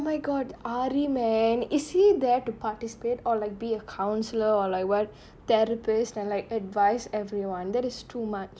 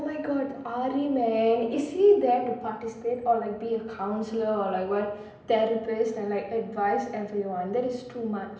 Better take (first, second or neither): first